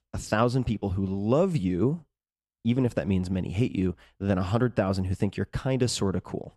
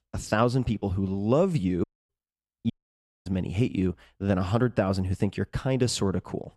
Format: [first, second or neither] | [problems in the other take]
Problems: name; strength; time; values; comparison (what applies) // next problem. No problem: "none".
first | audio cutting out; at 2 s and at 2.5 s for 0.5 s